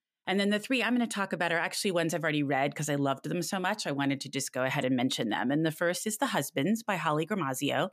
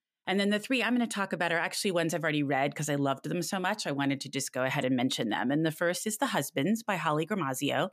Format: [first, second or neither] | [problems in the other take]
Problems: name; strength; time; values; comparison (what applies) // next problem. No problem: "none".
neither | none